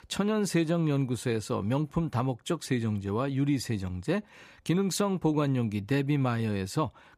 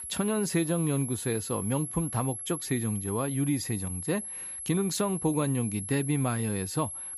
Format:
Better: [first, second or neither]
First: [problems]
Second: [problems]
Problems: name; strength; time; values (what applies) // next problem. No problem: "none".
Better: first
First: none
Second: high-pitched whine; loud; throughout; 11 kHz, 6 dB below the speech